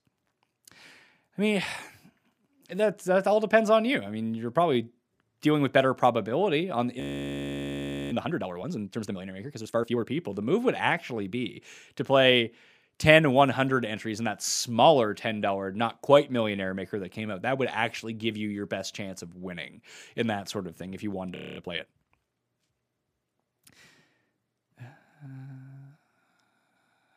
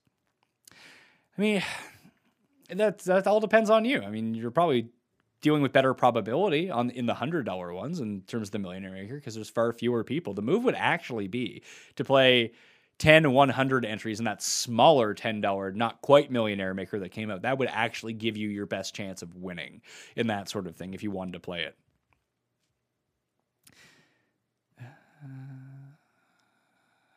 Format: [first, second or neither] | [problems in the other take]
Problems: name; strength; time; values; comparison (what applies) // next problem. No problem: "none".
second | audio freezing; at 7 s for 1 s and at 21 s